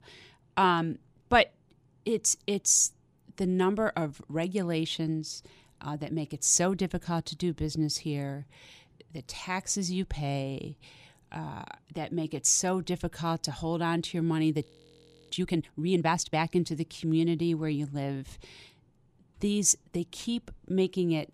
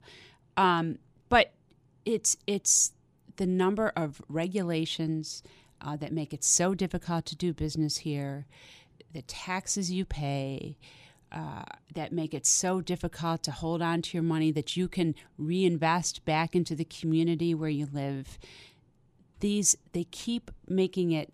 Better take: second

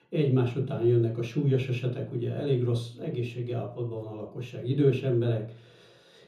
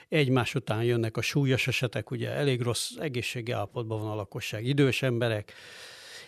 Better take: second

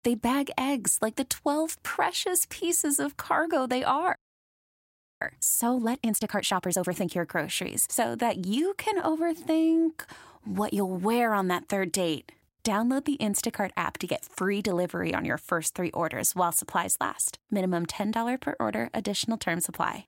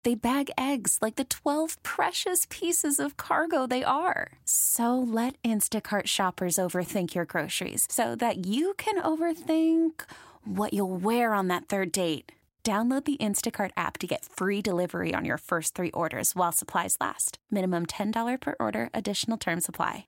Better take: second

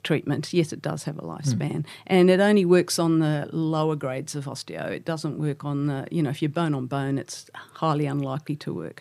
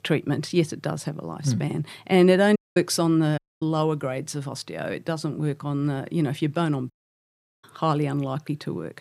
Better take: first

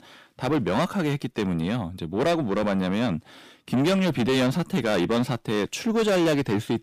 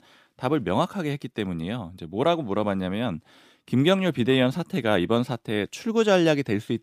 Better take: second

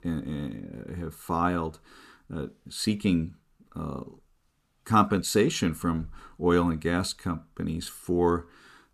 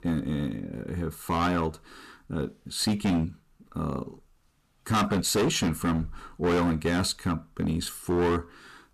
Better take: first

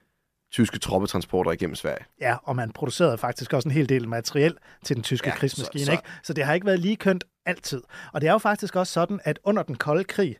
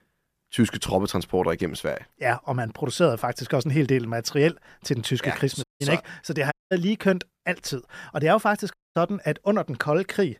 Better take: first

